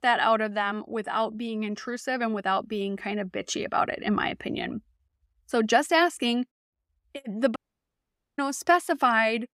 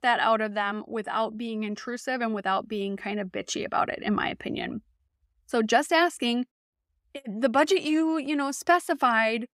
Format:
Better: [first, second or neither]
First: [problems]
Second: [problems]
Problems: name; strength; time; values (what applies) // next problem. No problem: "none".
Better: second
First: audio cutting out; at 7.5 s for 1 s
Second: none